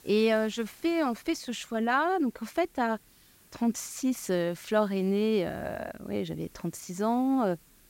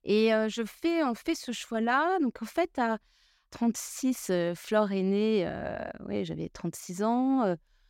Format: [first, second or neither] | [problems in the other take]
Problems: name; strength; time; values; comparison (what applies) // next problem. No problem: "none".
second | hiss; faint; throughout; 25 dB below the speech